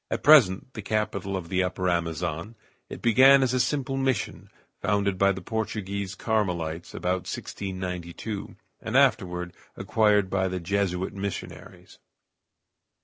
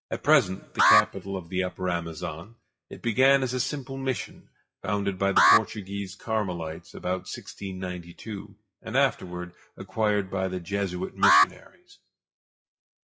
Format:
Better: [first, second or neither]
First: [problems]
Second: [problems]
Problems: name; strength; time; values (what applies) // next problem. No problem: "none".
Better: first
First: none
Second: noise reduction (classical method WPE with log-MMSE)